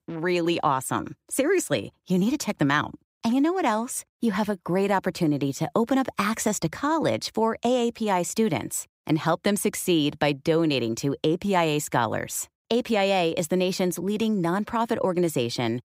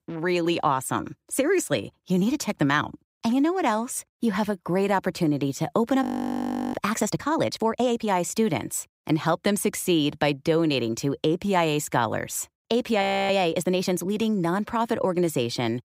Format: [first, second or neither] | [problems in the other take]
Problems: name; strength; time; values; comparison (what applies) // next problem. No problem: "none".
first | audio freezing; at 6 s for 0.5 s and at 13 s